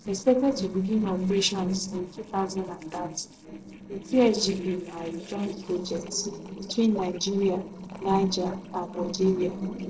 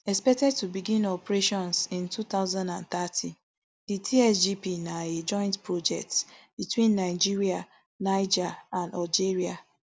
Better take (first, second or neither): second